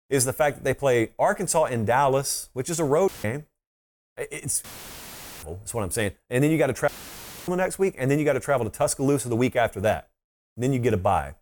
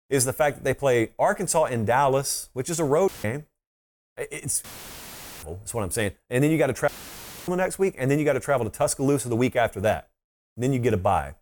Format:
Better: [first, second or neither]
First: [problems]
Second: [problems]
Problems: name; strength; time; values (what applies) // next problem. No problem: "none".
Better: neither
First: audio cutting out; filled with static; at 3 s, at 4.5 s for 1 s and at 7 s for 0.5 s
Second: audio cutting out; filled with static; at 3 s, at 4.5 s for 1 s and at 7 s for 0.5 s